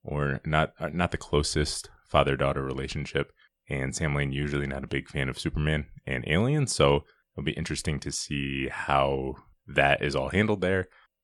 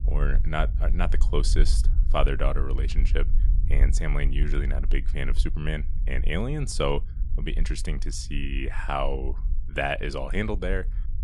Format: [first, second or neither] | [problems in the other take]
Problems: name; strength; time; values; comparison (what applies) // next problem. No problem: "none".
first | low rumble; noticeable; throughout; 20 dB below the speech